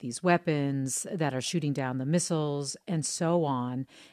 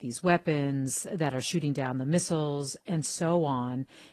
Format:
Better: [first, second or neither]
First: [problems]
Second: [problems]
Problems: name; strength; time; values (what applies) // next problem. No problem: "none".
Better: first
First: none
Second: garbled, watery; slightly